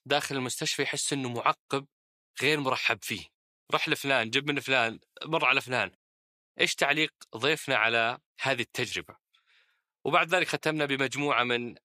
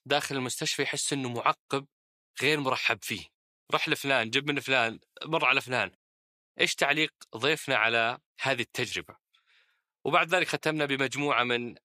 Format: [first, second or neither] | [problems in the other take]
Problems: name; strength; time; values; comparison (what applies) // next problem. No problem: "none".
neither | thin; somewhat; fading below 500 Hz; the same in both